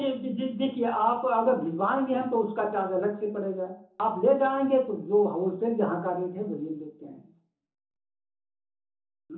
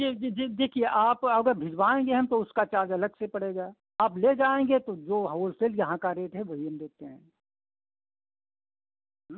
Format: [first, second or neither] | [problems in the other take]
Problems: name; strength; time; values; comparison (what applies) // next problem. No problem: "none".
second | room echo; dies away in 0.8 s